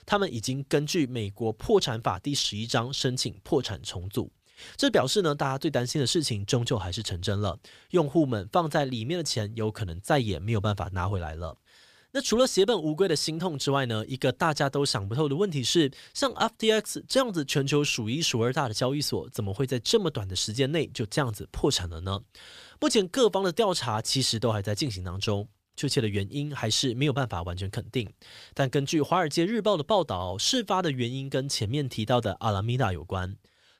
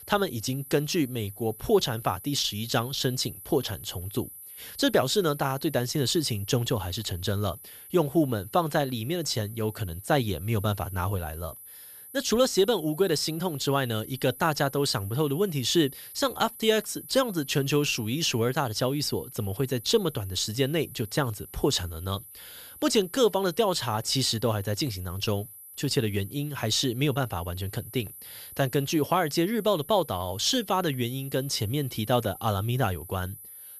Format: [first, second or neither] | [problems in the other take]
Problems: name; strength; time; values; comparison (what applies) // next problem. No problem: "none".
first | high-pitched whine; noticeable; throughout; 12 kHz, 15 dB below the speech